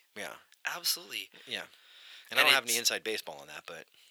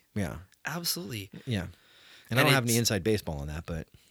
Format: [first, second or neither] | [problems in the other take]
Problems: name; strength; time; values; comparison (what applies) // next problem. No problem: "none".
second | thin; very; fading below 650 Hz